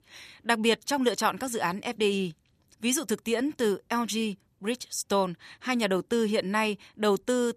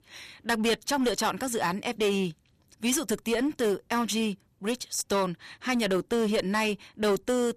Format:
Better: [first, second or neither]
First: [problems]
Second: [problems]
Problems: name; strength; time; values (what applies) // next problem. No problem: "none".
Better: first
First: none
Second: distortion; slight; 9% of the sound clipped